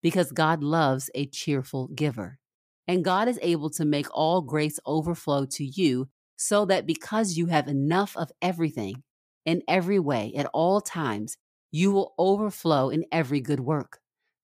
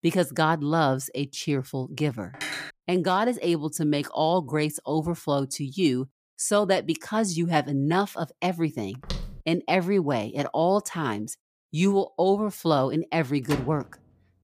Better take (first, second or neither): first